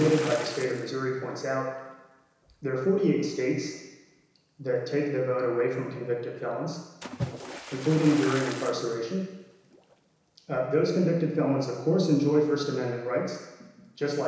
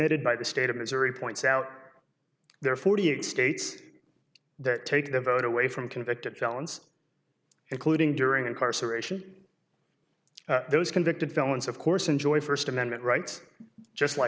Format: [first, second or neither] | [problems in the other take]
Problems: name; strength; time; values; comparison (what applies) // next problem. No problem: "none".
second | background sound (Splash, splatter); 16 dB below the speech // room echo; dies away in 1 s